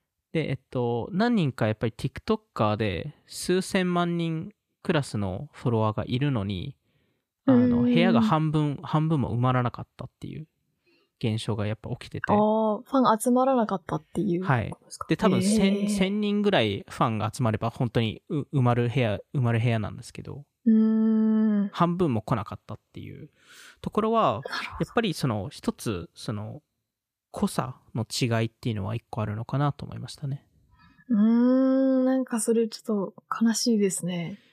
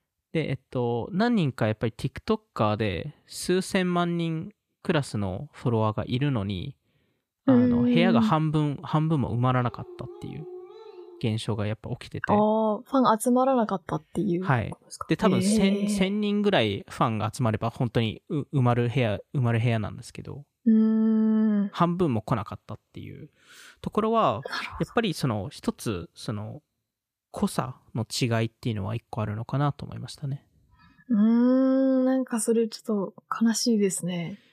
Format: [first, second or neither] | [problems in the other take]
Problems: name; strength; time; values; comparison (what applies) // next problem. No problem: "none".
first | dog barking; faint; from 9.5 to 11 s; peak 15 dB below the speech